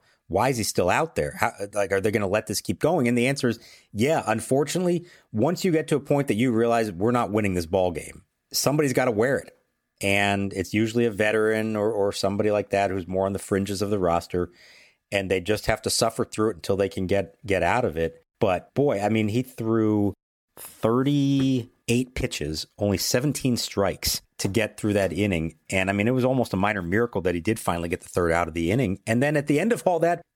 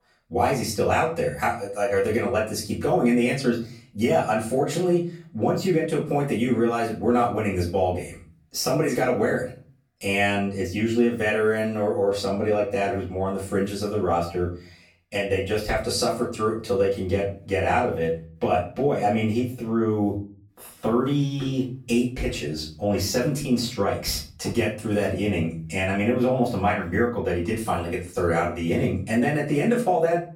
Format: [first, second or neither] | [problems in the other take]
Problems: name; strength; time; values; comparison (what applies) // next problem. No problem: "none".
first | off-mic speech; far // room echo; slight; dies away in 0.3 s